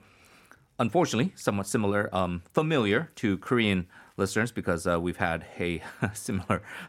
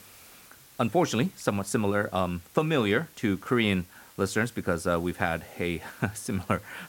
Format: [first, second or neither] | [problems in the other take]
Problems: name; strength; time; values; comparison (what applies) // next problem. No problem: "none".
first | hiss; faint; throughout; 25 dB below the speech